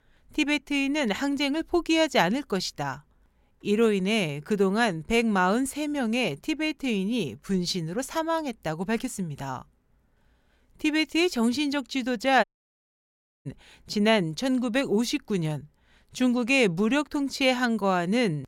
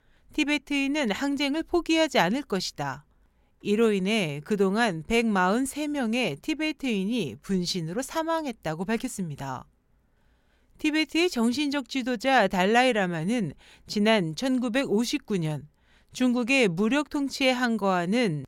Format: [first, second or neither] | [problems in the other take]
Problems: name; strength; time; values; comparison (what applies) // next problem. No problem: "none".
second | audio cutting out; at 12 s for 1 s